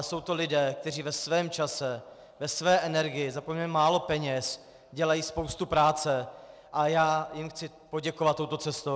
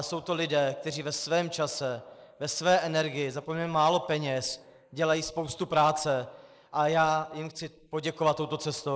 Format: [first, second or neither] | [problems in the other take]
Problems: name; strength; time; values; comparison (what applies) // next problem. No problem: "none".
first | noise reduction (neural mask model Resemble Enhance denoiser)